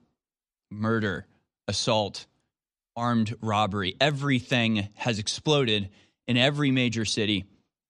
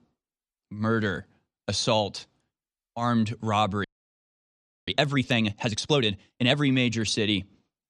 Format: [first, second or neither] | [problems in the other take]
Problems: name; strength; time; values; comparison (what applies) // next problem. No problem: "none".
first | audio freezing; at 4 s for 1 s